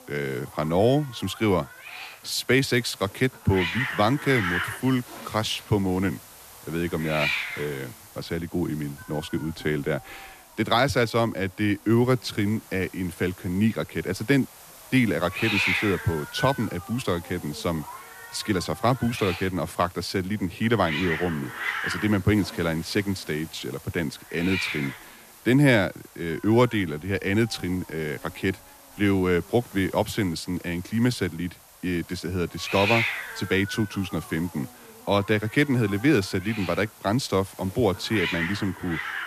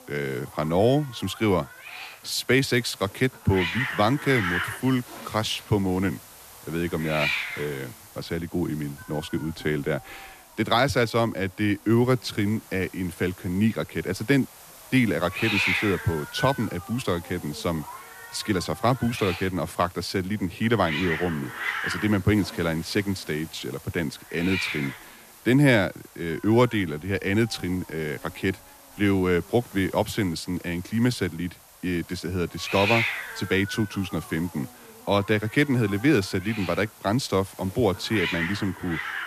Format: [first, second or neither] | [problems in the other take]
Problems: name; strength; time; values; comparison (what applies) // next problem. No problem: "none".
neither | hiss; loud; throughout; 6 dB below the speech; the same in both